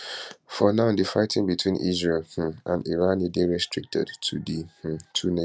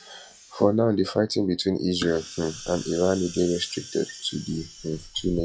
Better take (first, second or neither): first